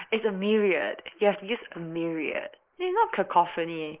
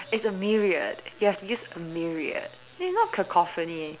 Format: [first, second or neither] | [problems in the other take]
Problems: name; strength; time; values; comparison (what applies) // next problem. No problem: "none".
second | noise reduction (neural mask model Resemble Enhance denoiser)